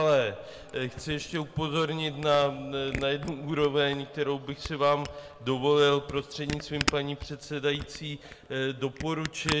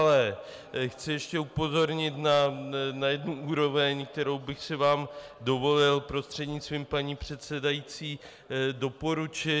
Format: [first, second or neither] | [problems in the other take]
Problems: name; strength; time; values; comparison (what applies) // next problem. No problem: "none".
second | background sound (Camera); 12 dB below the speech // room echo; dies away in 1.6 s